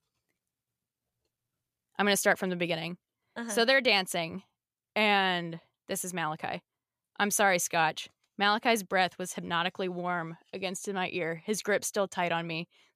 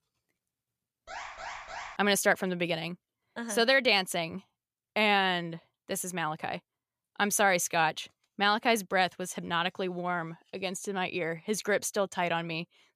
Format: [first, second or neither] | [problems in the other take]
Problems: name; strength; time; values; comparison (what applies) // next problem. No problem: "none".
first | alarm; faint; at 1 s; peak 10 dB below the speech